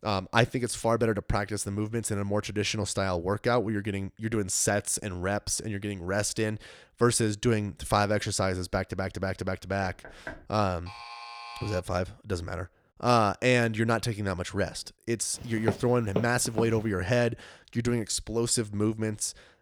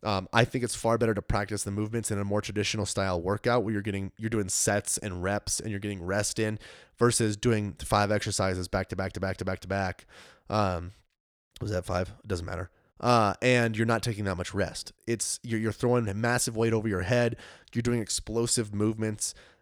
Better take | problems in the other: second | door banging; faint; at 10 s; peak 15 dB below the speech // alarm; faint; at 11 s; peak 10 dB below the speech // footsteps; noticeable; from 15 to 17 s; peak 5 dB below the speech

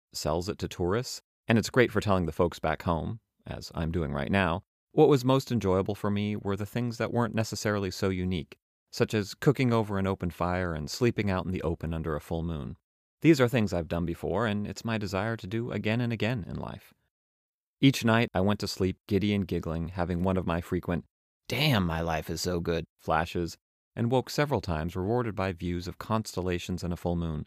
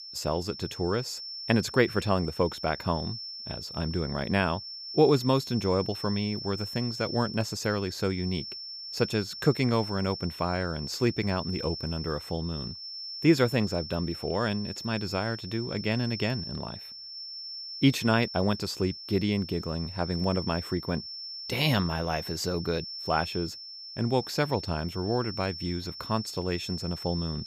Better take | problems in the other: first | high-pitched whine; loud; throughout; 5.5 kHz, 9 dB below the speech

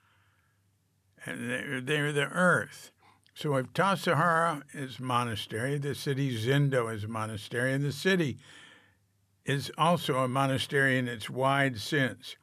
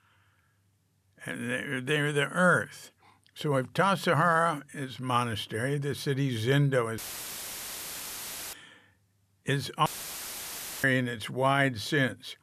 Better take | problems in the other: first | audio cutting out; filled with static; at 7 s for 1.5 s and at 10 s for 1 s

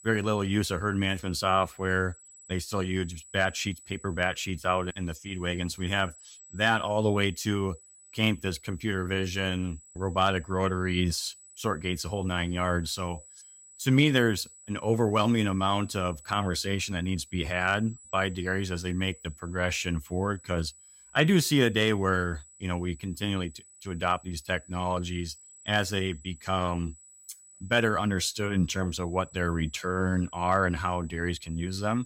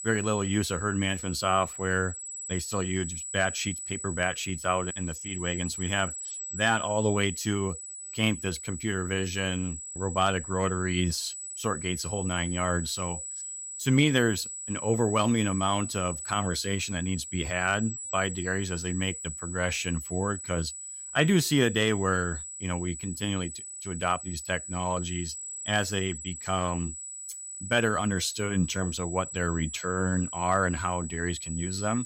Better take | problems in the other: first | high-pitched whine; loud; throughout; 8 kHz, 7 dB below the speech; faint in the first

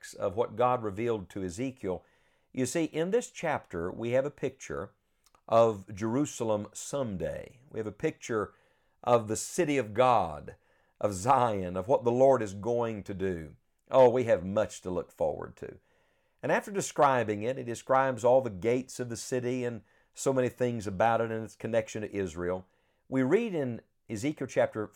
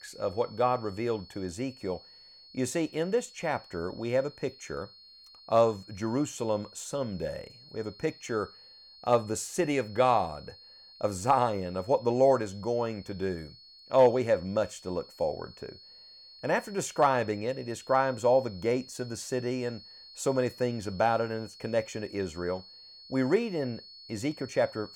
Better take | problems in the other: first | high-pitched whine; noticeable; throughout; 4.5 kHz, 20 dB below the speech

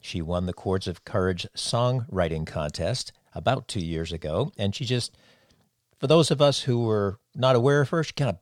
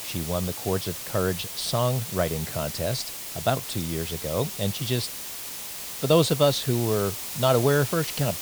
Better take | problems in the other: first | hiss; loud; throughout; 5 dB below the speech

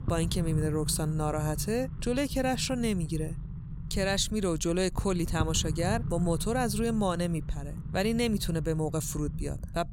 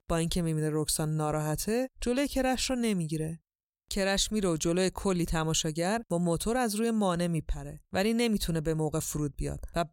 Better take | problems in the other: second | low rumble; noticeable; throughout; 15 dB below the speech

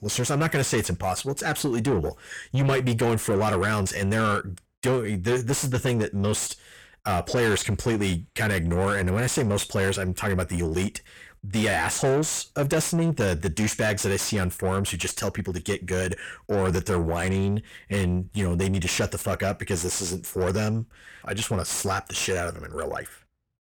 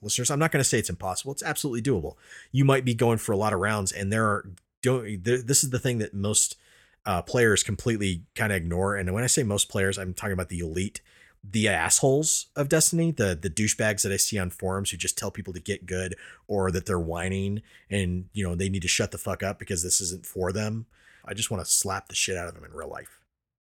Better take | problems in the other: second | distortion; heavy; 6 dB below the speech

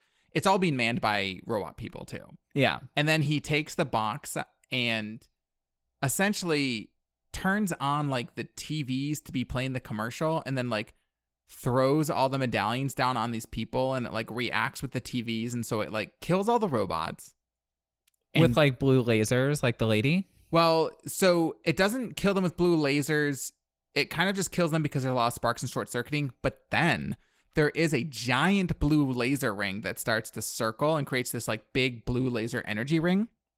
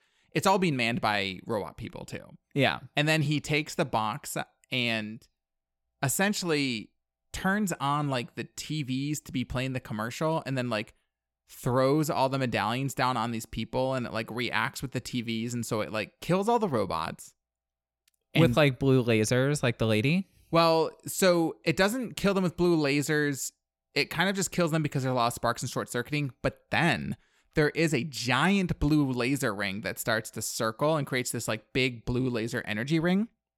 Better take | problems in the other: second | garbled, watery; slightly; nothing above 15.5 kHz

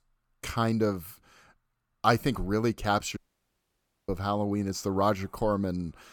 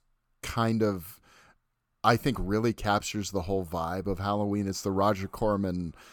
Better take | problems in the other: second | audio cutting out; at 3 s for 1 s

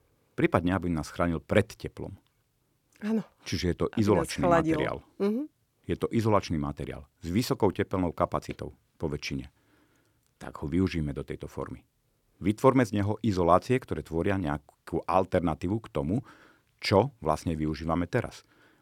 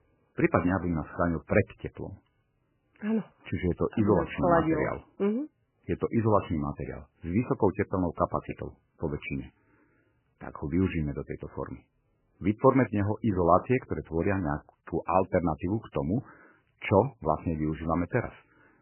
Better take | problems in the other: first | garbled, watery; badly; nothing above 3 kHz

